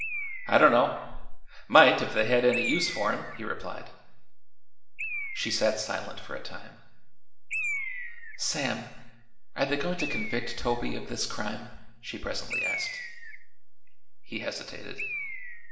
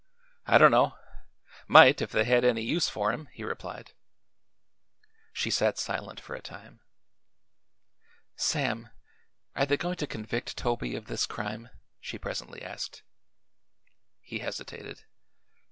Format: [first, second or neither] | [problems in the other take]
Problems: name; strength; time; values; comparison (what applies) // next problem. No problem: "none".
second | background sound (Bird); 10 dB below the speech // room echo; dies away in 0.9 s